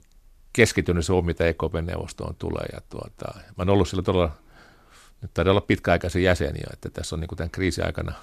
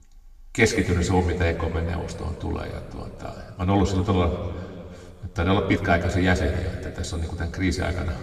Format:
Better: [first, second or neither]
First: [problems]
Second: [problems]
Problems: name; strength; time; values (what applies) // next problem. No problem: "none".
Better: first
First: none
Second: room echo; slight; dies away in 2 s // off-mic speech; far